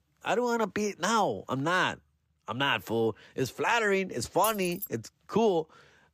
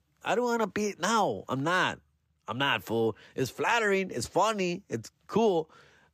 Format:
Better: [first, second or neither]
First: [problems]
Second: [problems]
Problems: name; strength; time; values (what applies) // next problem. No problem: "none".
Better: second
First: jangling keys; noticeable; at 4.5 s; peak 7 dB below the speech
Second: none